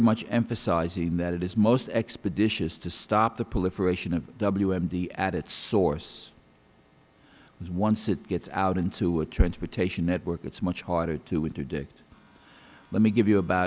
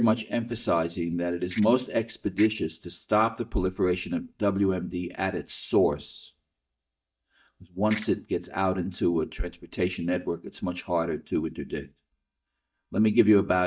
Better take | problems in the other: first | noise reduction (neural mask model DeepFilterNet 3)

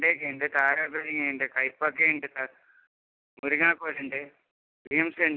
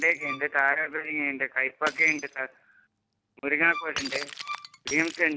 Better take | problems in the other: first | background sound (Shatter + Bowed string instrument); 12 dB below the speech

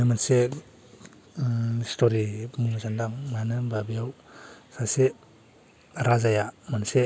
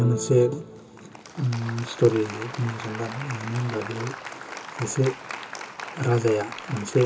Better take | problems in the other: first | background sound (Applause); 11 dB below the speech // room echo; dies away in 0.2 s

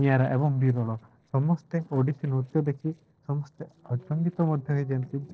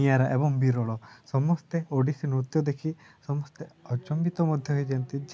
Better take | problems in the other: second | noise reduction (neural separator model SepFormer DNS4)

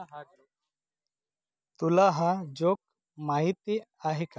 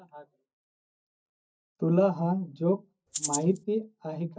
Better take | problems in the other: first | noise reduction (neural mask model DeepFilterNet 3)

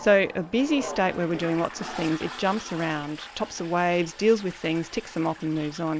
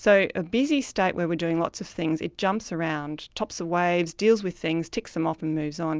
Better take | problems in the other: second | background sound (Toilet flush); 14 dB below the speech

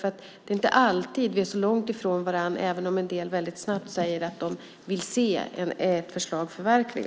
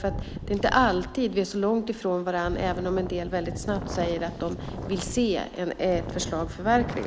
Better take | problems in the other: first | background sound (Wind); 9 dB below the speech

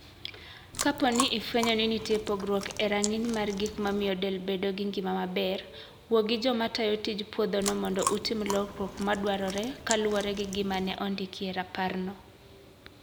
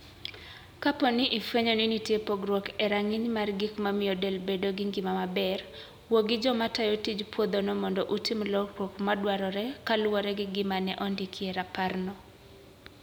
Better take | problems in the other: second | background sound (Chewing, mastication); 9 dB below the speech

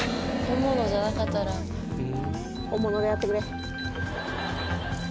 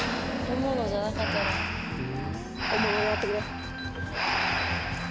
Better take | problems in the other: first | background sound (Breathing); 2 dB below the speech

